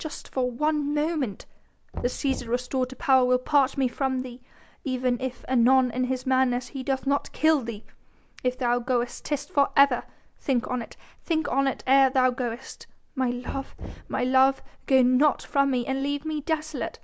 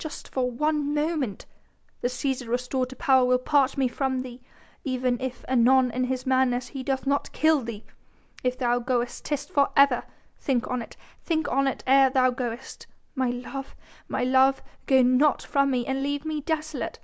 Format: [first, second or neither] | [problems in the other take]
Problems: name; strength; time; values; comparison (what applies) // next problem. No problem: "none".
second | background sound (Knock); 16 dB below the speech